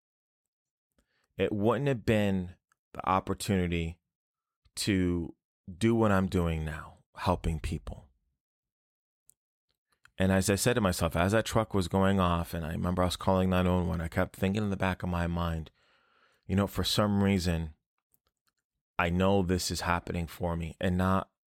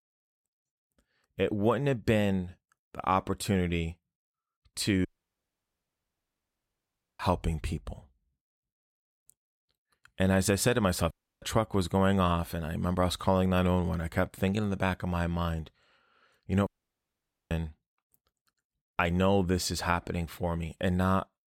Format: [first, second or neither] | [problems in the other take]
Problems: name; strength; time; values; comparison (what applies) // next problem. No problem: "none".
first | audio cutting out; at 5 s for 2 s, at 11 s and at 17 s for 1 s